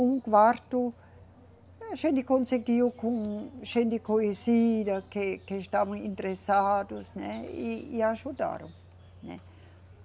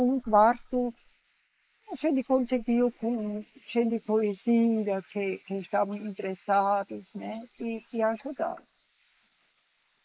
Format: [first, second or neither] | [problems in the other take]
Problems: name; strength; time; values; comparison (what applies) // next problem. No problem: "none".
first | noise reduction (neural mask model Resemble Enhance denoiser)